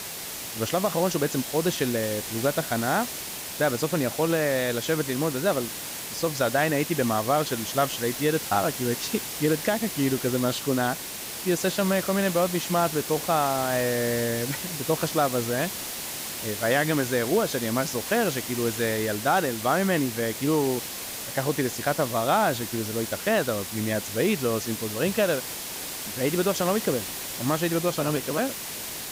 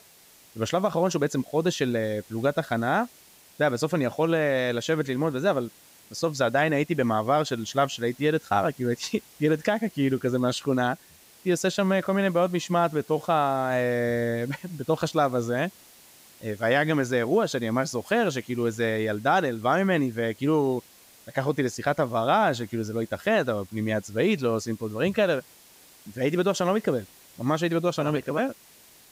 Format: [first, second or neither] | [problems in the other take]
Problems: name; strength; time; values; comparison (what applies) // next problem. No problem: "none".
second | hiss; loud; throughout; 6 dB below the speech; faint in the second